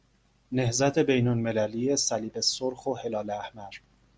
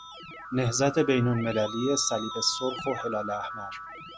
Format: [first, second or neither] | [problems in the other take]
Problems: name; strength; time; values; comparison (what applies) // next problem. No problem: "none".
first | background sound (Keyboard (musical)); 10 dB below the speech